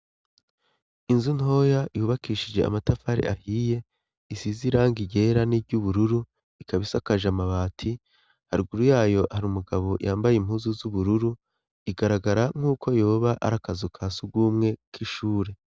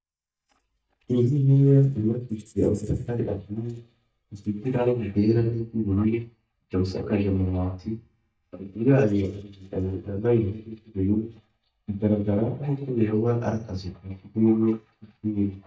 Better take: first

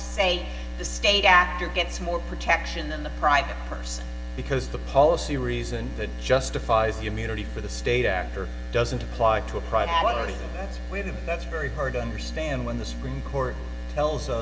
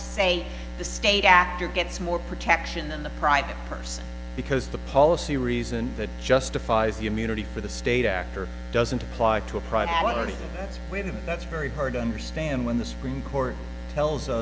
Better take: second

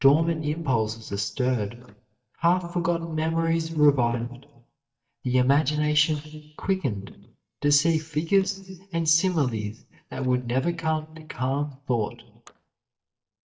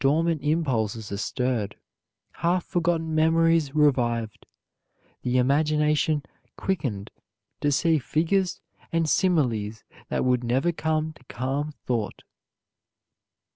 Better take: second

